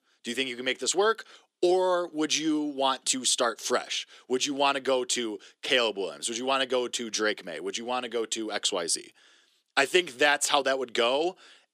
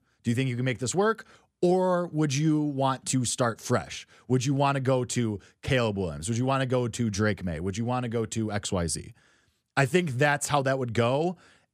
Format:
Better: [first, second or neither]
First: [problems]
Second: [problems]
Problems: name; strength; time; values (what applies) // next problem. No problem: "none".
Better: second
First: thin; somewhat; fading below 300 Hz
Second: none